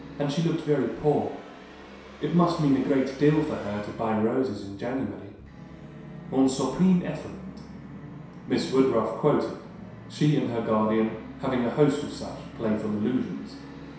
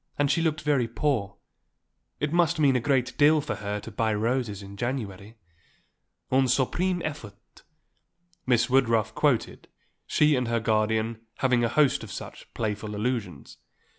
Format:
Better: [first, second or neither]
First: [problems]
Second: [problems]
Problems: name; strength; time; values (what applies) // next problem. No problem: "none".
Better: second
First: background sound (Musical instrument); 15 dB below the speech // room echo; dies away in 0.7 s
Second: none